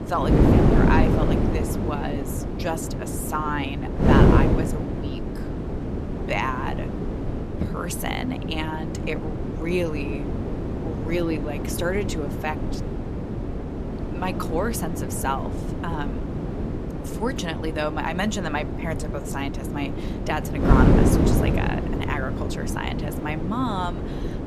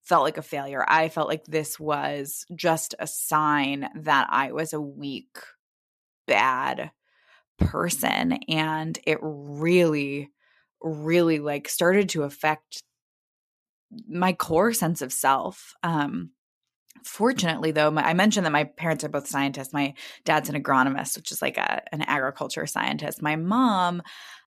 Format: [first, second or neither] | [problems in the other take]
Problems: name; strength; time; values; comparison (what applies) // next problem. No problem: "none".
second | wind noise on the microphone; heavy; 1 dB below the speech